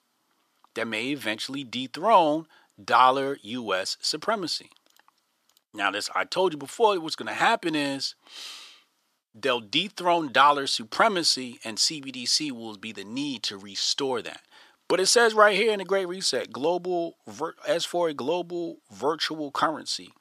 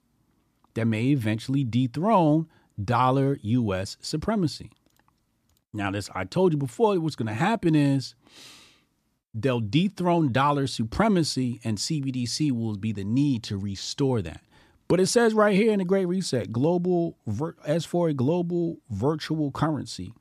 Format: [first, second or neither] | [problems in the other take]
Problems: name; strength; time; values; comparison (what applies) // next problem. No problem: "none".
second | thin; very; fading below 550 Hz